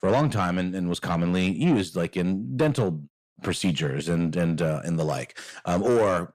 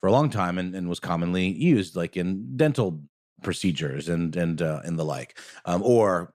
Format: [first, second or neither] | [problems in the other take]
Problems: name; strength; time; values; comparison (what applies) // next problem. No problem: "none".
second | distortion; slight; 10 dB below the speech